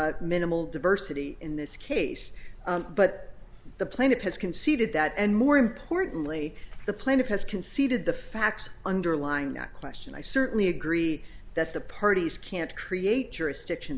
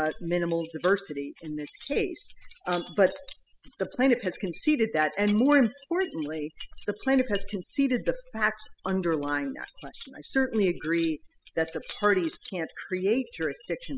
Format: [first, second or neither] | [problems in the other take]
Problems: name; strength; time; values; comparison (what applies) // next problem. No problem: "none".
first | noise reduction (classical method spectral subtraction)